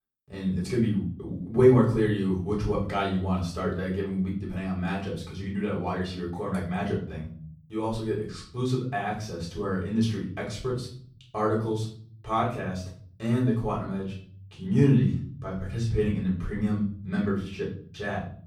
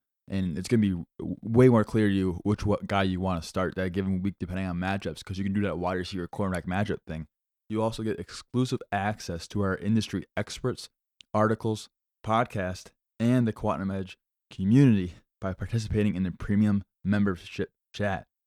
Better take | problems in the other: second | off-mic speech; far // room echo; slight; dies away in 0.6 s

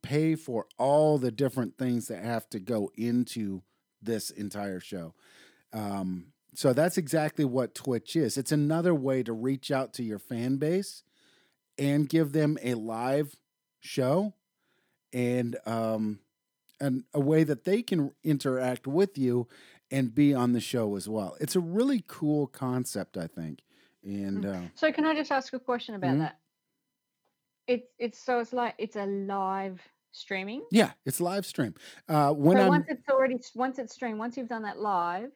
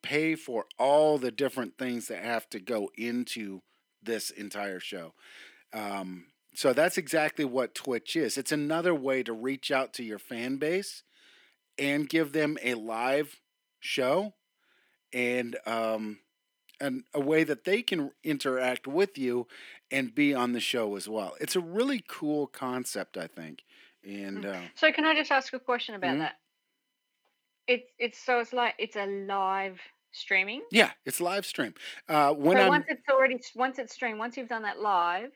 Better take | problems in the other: first | thin; very slightly; fading below 300 Hz

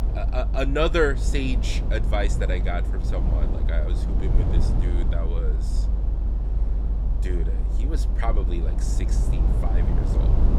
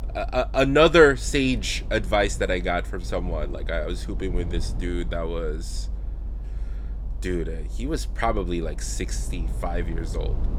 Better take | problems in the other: second | low rumble; loud; throughout; 9 dB below the speech; faint in the second

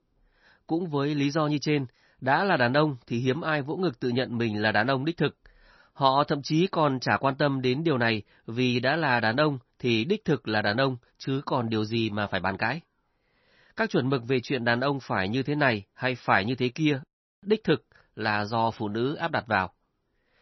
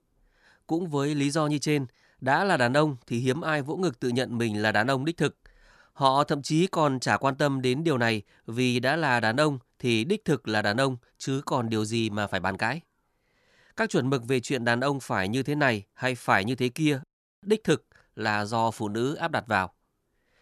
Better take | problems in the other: second | garbled, watery; slightly; nothing above 6 kHz

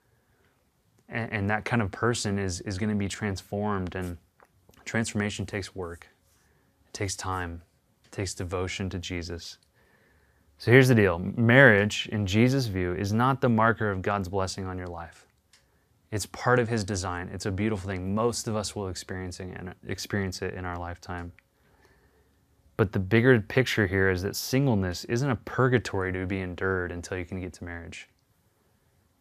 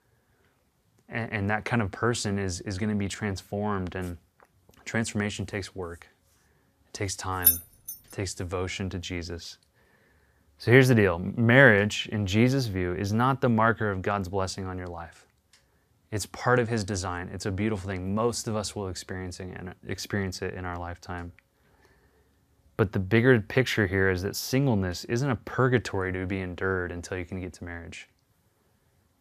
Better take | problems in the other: first | jangling keys; loud; at 7.5 s; peak 6 dB above the speech

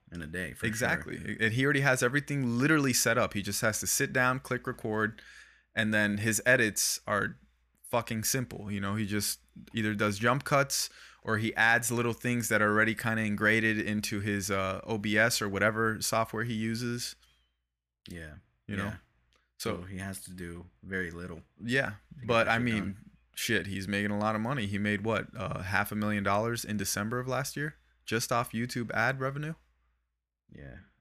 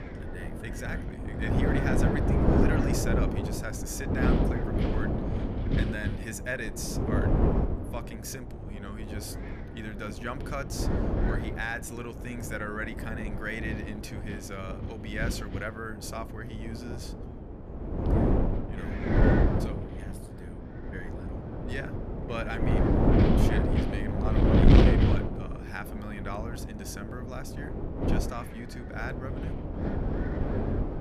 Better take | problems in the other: first | wind noise on the microphone; heavy; 4 dB above the speech

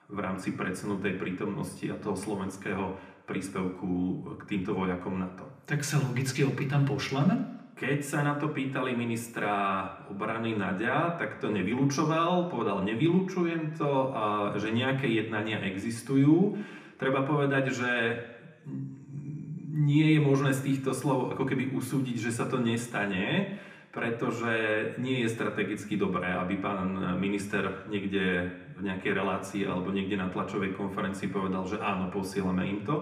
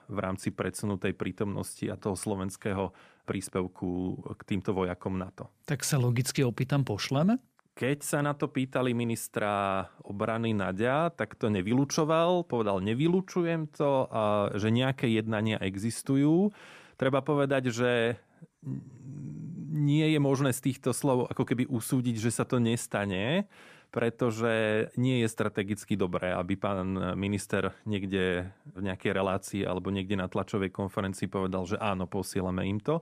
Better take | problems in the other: second | room echo; slight; dies away in 0.9 s // off-mic speech; somewhat distant

